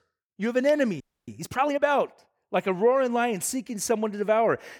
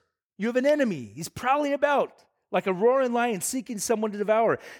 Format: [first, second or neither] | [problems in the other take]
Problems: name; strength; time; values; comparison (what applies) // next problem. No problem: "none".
second | audio freezing; at 1 s